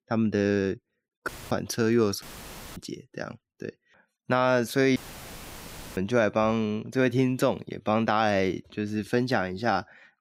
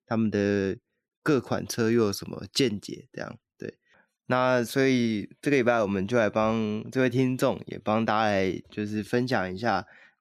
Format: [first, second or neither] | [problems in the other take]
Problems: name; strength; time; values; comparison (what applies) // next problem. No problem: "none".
second | audio cutting out; filled with static; at 1.5 s, at 2 s for 0.5 s and at 5 s for 1 s